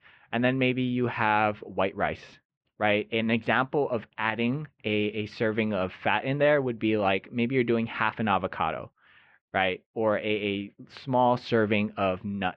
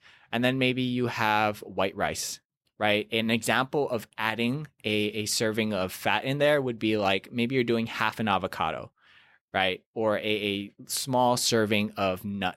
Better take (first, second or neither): second